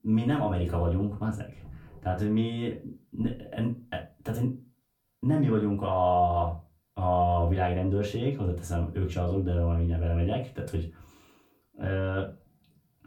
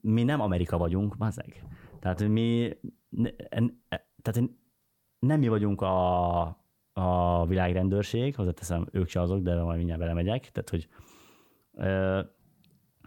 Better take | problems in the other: second | off-mic speech; far // room echo; very slight; dies away in 0.2 s

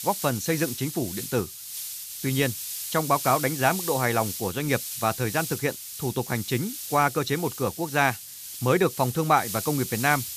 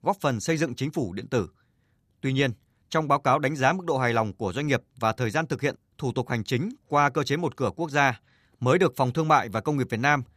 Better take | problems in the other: second | hiss; loud; throughout; 7 dB below the speech

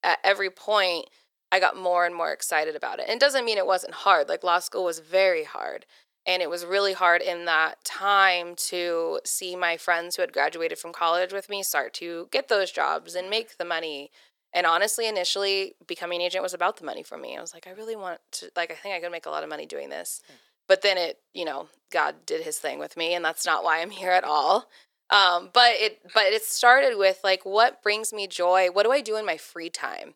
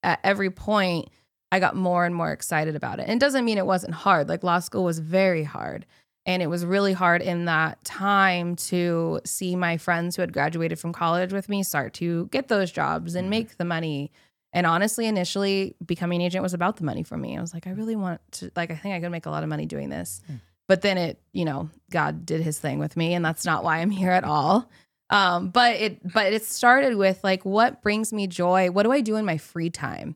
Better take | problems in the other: second | thin; very; fading below 450 Hz

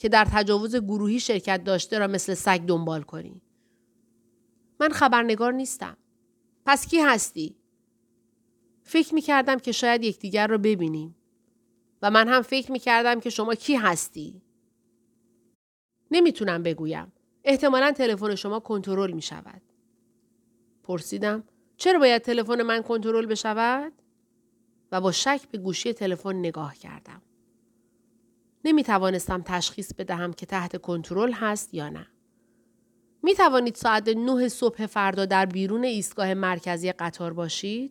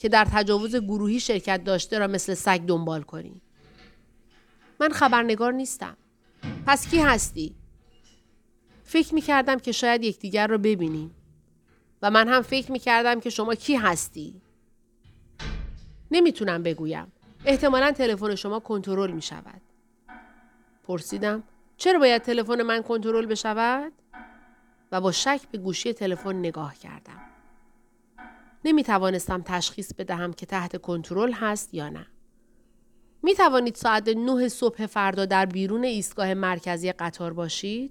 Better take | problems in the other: first | household noises; faint; throughout; 20 dB below the speech

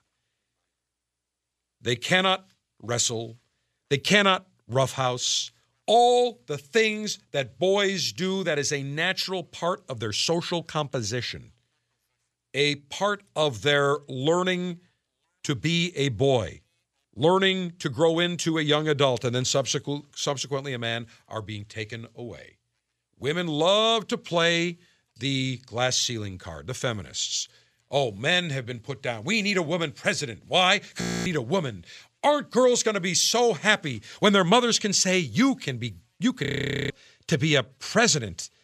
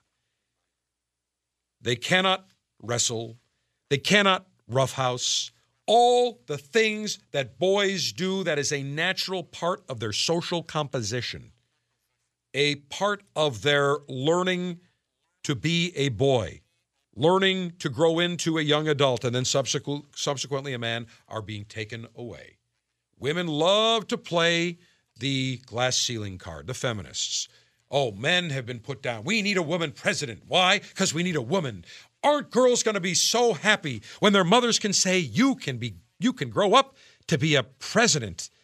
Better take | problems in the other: second | audio freezing; at 31 s and at 36 s

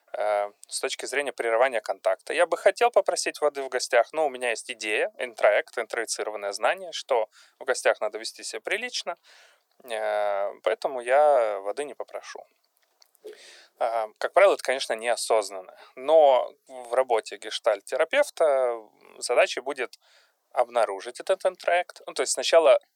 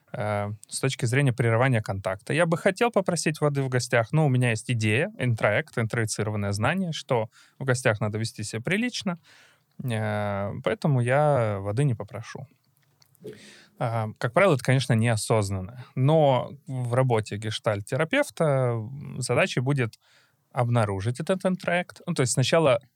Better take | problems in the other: second | thin; very; fading below 350 Hz

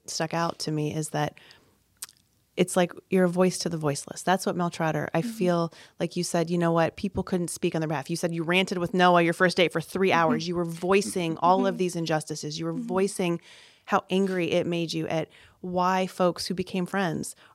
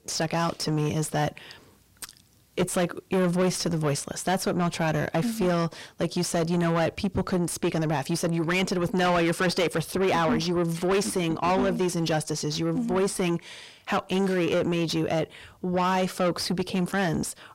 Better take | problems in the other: first | distortion; heavy; 6 dB below the speech

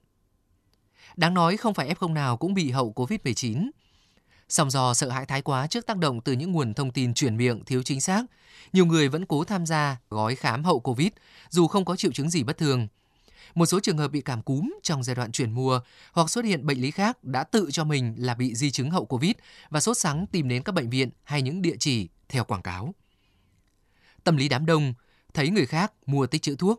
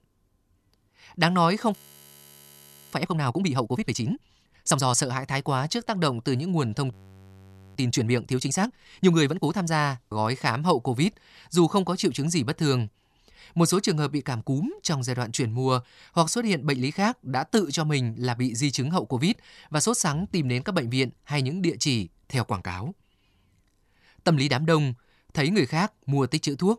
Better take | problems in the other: first | audio freezing; at 2 s for 1 s and at 7 s for 1 s

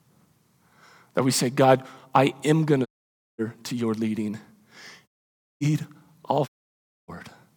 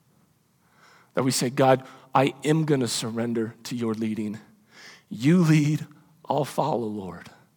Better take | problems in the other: second | audio cutting out; at 3 s for 0.5 s, at 5 s for 0.5 s and at 6.5 s for 0.5 s

